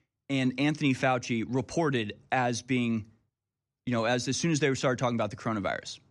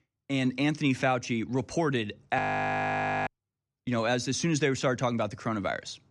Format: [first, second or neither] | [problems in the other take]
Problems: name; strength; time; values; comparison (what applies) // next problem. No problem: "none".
first | audio freezing; at 2.5 s for 1 s